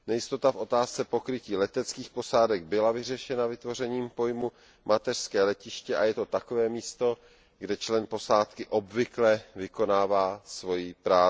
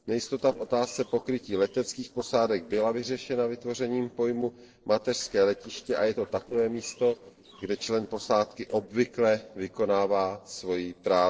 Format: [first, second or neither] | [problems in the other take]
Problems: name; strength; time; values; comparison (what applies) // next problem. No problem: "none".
first | noise reduction (neural separator model SepFormer DNS4)